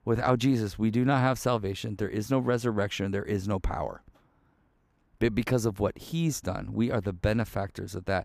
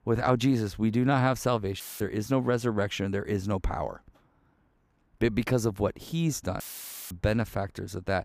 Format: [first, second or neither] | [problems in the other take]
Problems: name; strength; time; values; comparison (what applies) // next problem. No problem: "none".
first | audio cutting out; filled with static; at 2 s and at 6.5 s for 0.5 s